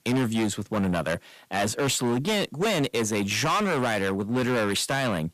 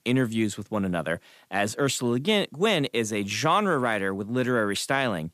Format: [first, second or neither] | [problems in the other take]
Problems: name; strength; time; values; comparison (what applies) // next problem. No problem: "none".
second | distortion; heavy; 19% of the sound clipped